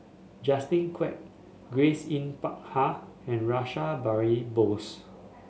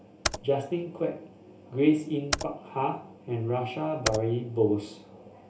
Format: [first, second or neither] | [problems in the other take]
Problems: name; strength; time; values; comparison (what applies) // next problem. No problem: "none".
first | background sound (Computer keyboard); 8 dB below the speech // room echo; dies away in 0.3 s